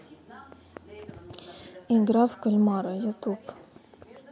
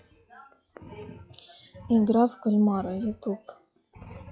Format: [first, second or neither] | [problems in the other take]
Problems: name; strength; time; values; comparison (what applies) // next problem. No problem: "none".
first | noise reduction (classical method log-MMSE)